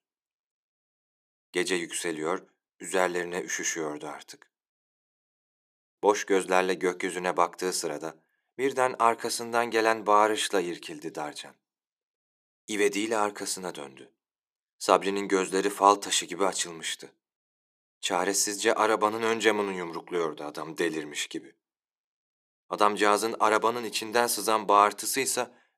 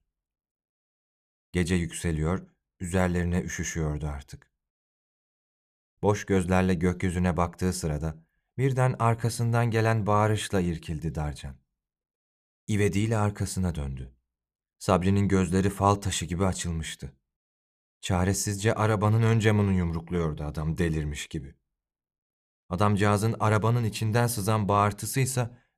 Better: second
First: thin; very; fading below 300 Hz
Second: none

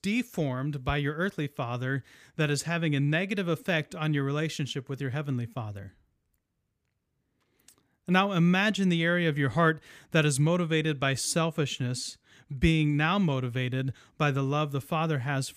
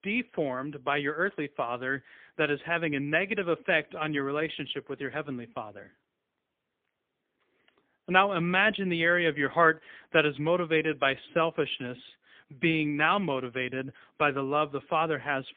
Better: first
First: none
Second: phone-call audio; poor line; nothing above 3.5 kHz

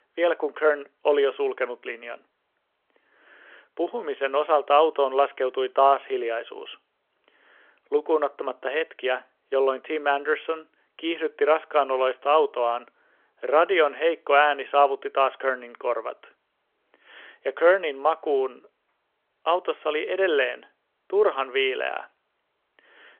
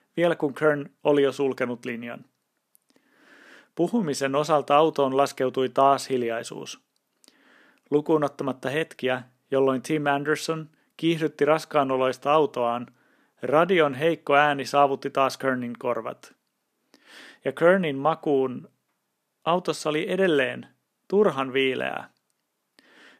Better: second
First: phone-call audio; nothing above 3.5 kHz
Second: none

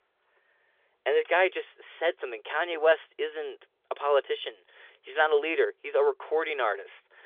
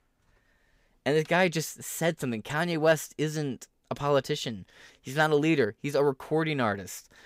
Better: second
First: phone-call audio; nothing above 3.5 kHz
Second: none

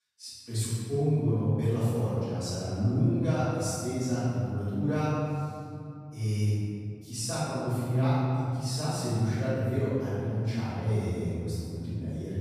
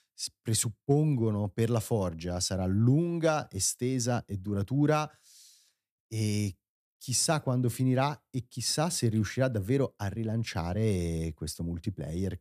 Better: second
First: room echo; strong; dies away in 2.4 s // off-mic speech; far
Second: none

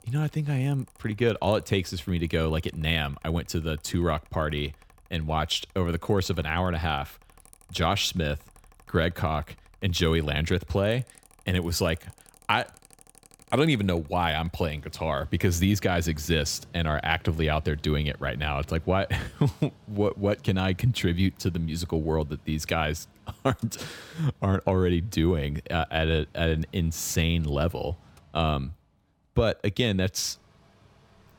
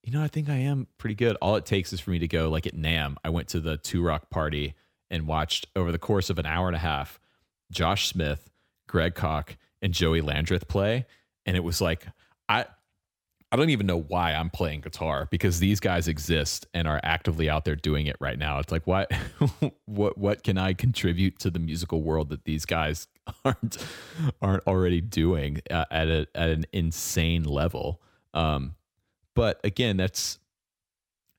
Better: second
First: machinery noise; faint; throughout; 25 dB below the speech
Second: none

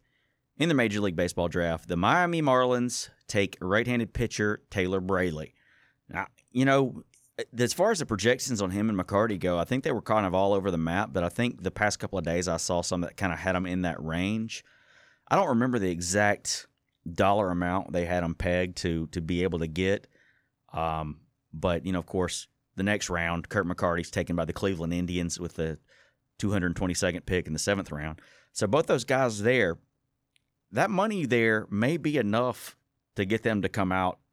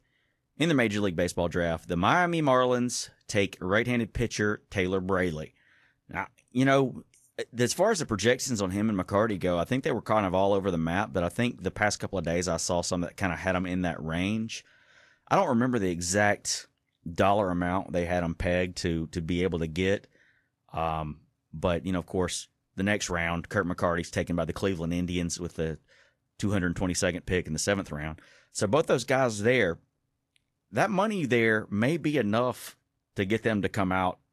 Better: first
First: none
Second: garbled, watery; slightly; nothing above 12 kHz

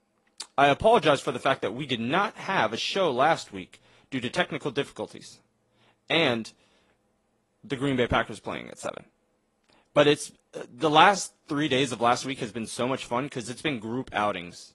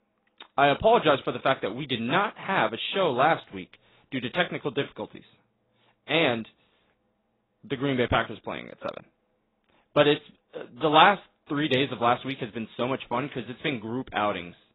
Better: first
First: garbled, watery; slightly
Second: garbled, watery; badly; nothing above 4 kHz

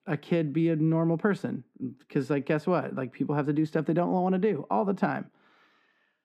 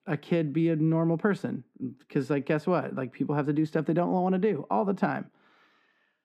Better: neither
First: muffled; very; fading above 3.5 kHz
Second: muffled; very; fading above 3.5 kHz

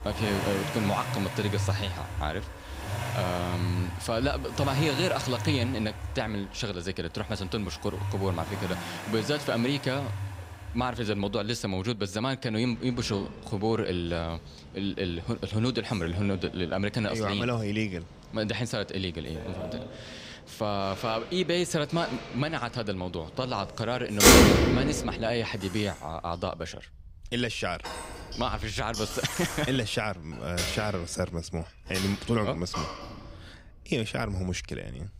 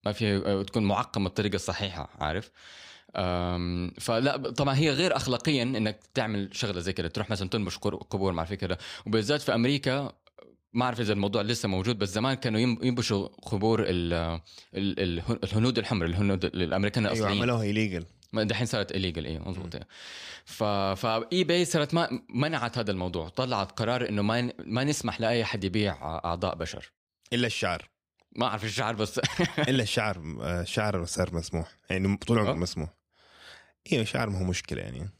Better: second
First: traffic noise; very loud; throughout; 1 dB above the speech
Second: none

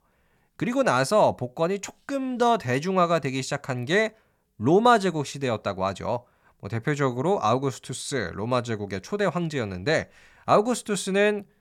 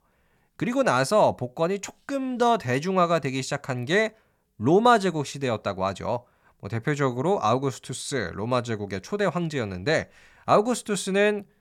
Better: neither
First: none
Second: none

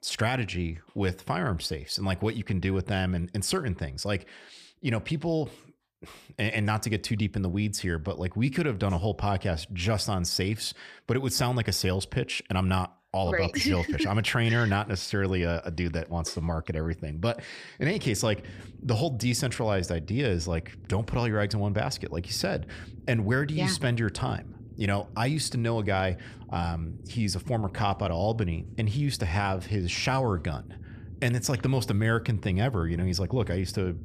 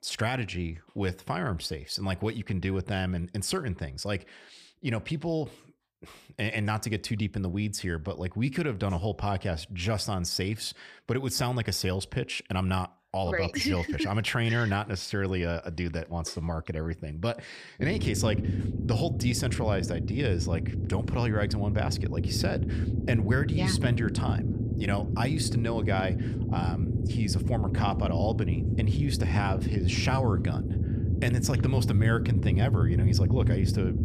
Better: first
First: low rumble; faint; from 18 s on; 25 dB below the speech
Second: low rumble; loud; from 18 s on; 7 dB below the speech

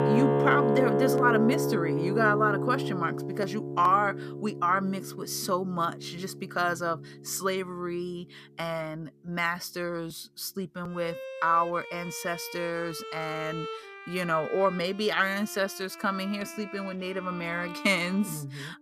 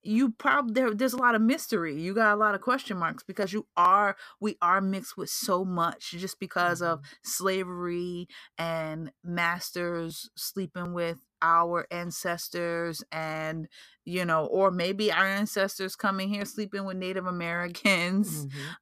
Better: second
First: background music; loud; throughout; 3 dB below the speech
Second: none

